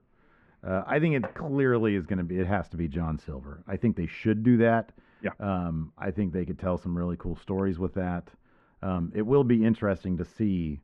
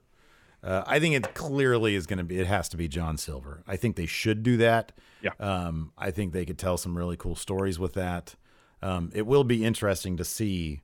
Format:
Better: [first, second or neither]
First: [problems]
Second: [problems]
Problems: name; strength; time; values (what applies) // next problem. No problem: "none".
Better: second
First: muffled; very; fading above 1.5 kHz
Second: none